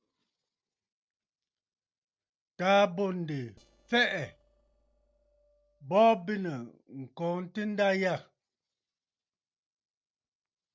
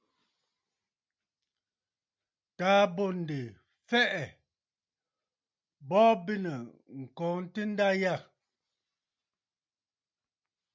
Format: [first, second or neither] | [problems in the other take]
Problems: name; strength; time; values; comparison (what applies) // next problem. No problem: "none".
second | noise reduction (neural separator model SepFormer DNS4)